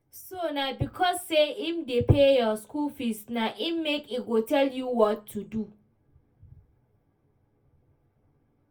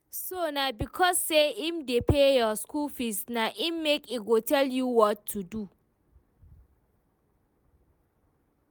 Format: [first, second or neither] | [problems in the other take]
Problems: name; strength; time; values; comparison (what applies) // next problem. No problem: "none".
second | room echo; dies away in 0.2 s